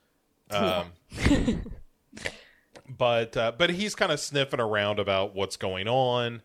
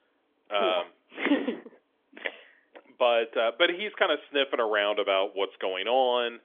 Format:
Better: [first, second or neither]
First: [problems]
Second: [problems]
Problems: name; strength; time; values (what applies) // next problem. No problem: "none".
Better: first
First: none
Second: phone-call audio; nothing above 3.5 kHz